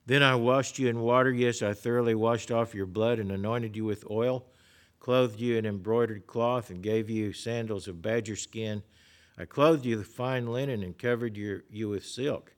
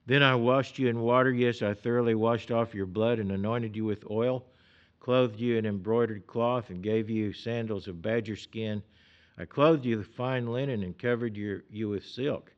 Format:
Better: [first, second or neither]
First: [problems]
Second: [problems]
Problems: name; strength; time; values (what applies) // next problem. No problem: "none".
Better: first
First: none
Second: muffled; slightly; fading above 4.5 kHz